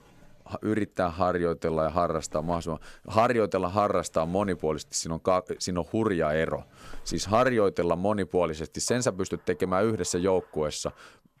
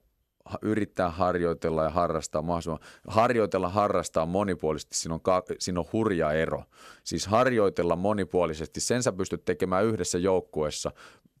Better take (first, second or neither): second